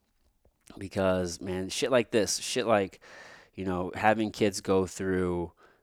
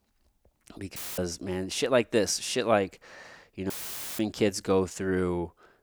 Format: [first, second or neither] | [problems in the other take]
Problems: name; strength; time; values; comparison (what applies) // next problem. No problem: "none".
first | audio cutting out; filled with static; at 1 s and at 3.5 s